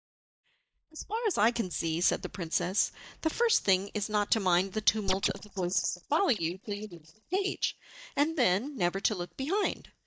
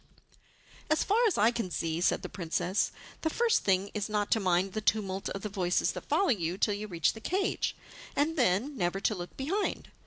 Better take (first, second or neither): second